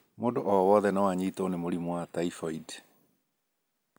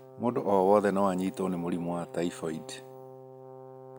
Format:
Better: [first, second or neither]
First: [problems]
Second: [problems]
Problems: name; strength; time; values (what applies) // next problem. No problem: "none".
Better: first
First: none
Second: background sound (Brass instrument); 17 dB below the speech